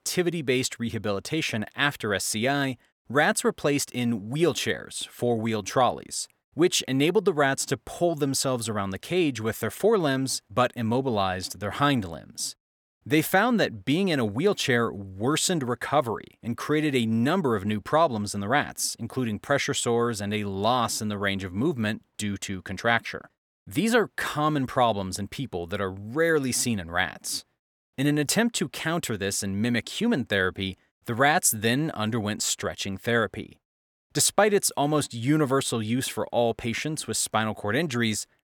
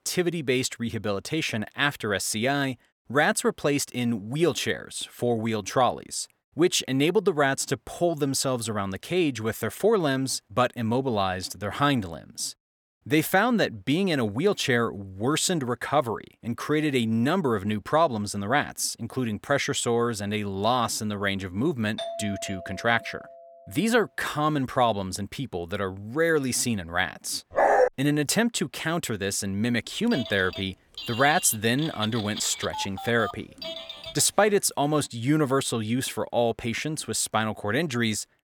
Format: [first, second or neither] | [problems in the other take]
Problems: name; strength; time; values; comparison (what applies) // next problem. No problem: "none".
first | doorbell; noticeable; from 22 to 24 s; peak 8 dB below the speech // dog barking; loud; at 28 s; peak 5 dB above the speech // phone ringing; noticeable; from 30 to 34 s; peak 8 dB below the speech